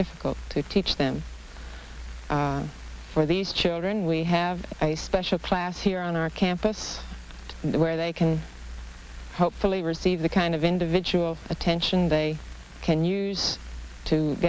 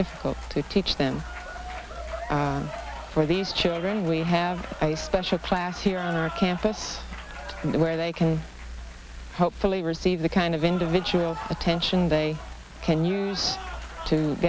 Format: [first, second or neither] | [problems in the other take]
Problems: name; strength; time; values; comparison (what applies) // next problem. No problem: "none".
first | background sound (Applause / Cheering); 14 dB below the speech